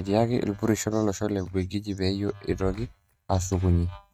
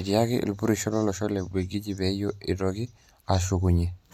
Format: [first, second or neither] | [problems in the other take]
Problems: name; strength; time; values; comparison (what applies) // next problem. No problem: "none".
second | noise reduction (neural mask model RNNoise)